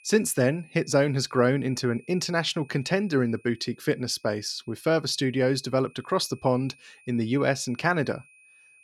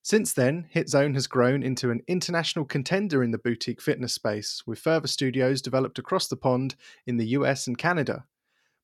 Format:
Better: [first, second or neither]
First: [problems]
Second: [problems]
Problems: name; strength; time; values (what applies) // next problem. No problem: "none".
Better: second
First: high-pitched whine; faint; throughout; 2.5 kHz, 30 dB below the speech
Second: none